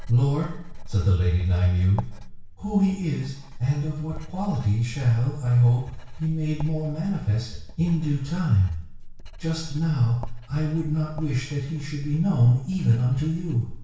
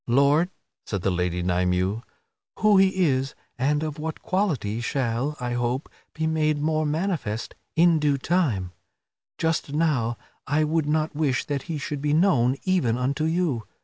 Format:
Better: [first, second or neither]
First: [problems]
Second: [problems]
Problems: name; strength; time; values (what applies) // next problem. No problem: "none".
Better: second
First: background sound (Writing); 12 dB below the speech // room echo; dies away in 0.6 s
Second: none